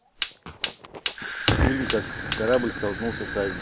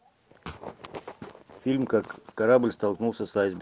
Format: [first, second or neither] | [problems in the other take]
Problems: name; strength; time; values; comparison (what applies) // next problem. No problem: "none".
second | background sound (Fire); 1 dB above the speech